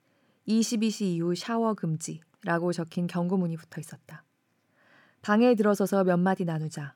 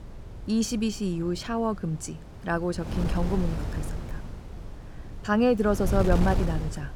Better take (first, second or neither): first